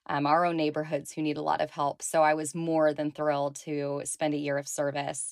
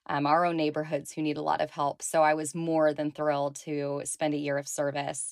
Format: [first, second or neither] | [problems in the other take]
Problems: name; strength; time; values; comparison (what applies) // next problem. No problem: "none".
neither | none